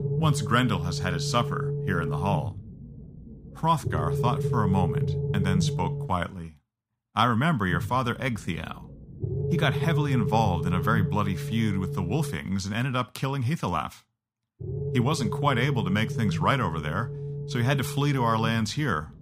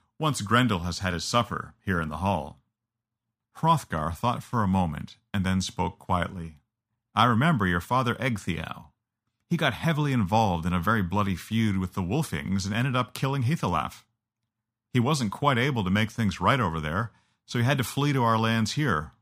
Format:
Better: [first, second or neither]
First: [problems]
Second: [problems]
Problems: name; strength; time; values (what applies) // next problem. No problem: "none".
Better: second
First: low rumble; loud; until 6 s, from 7.5 to 12 s and from 15 s on; 9 dB below the speech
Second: none